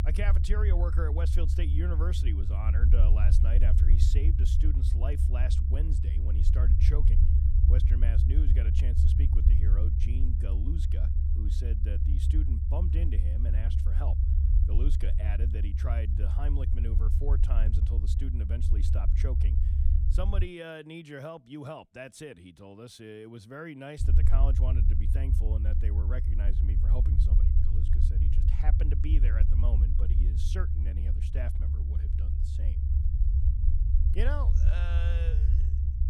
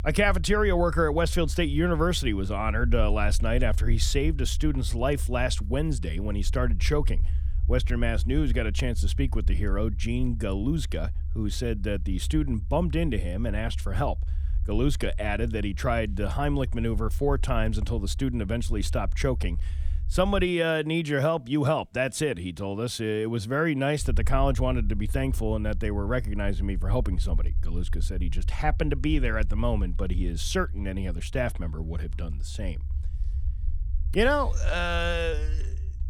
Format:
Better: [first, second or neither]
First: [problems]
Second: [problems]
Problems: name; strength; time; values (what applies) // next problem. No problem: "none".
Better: second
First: low rumble; loud; until 20 s and from 24 s on; 2 dB below the speech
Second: low rumble; faint; until 20 s and from 24 s on; 20 dB below the speech